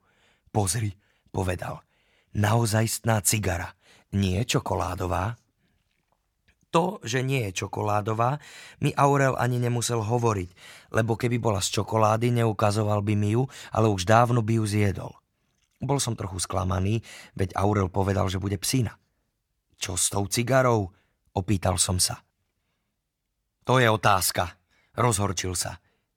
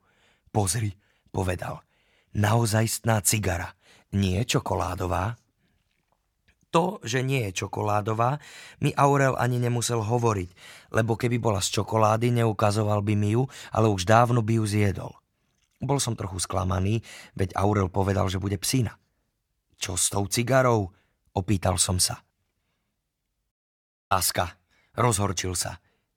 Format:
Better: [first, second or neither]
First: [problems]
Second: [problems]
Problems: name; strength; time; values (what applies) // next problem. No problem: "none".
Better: first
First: none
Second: audio cutting out; at 24 s for 0.5 s